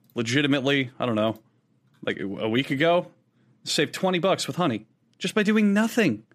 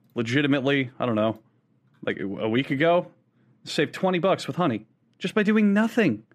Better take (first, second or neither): first